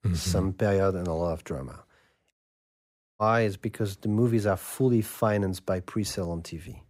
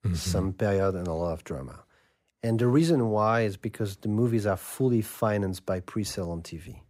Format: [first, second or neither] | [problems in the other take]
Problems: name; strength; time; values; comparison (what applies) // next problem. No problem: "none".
second | audio cutting out; at 2.5 s for 1 s